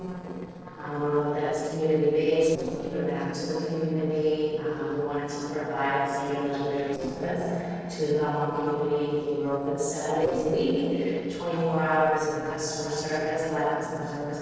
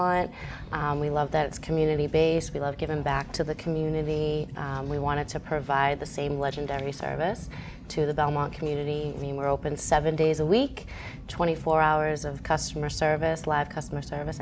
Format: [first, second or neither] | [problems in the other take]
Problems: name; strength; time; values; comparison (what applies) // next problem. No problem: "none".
second | noise reduction (neural separator model SepFormer DNS4)